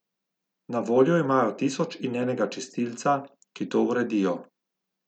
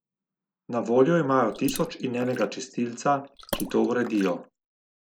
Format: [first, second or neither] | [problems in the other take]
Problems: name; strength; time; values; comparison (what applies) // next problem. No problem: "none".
first | noise reduction (neural mask model Resemble Enhance denoiser)